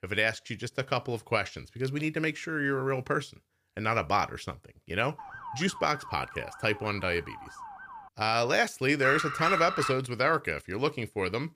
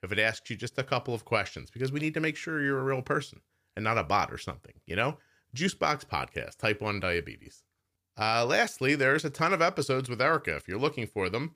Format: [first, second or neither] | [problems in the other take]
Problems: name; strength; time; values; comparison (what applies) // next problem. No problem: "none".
second | siren; faint; from 5 to 8 s; peak 10 dB below the speech // dog barking; loud; at 9 s; peak level with the speech